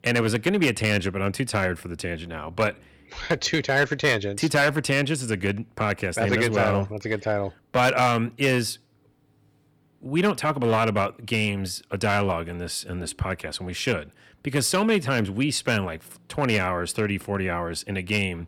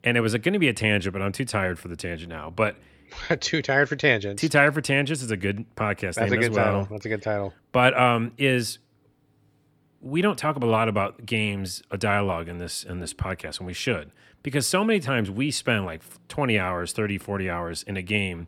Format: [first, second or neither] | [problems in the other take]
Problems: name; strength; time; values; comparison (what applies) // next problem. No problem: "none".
second | distortion; slight; 3% of the sound clipped